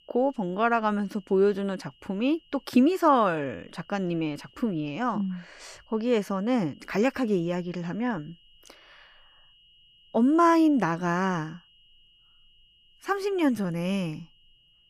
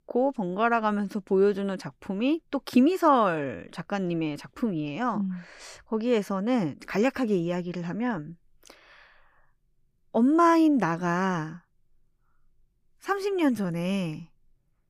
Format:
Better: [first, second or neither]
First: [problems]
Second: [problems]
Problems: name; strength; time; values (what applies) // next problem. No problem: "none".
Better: second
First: high-pitched whine; faint; throughout; 3 kHz, 30 dB below the speech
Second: none